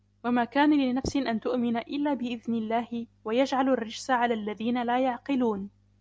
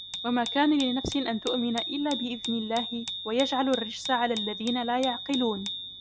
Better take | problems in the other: first | background sound (Bicycle bell); 8 dB below the speech

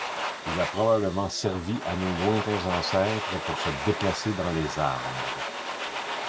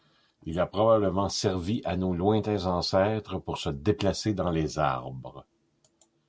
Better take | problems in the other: second | background sound (Domestic sounds, home sounds); 5 dB below the speech

